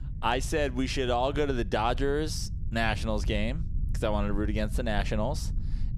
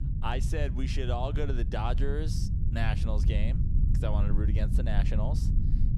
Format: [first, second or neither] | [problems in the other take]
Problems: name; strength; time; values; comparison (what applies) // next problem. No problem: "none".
first | low rumble; loud; throughout; 7 dB below the speech; faint in the first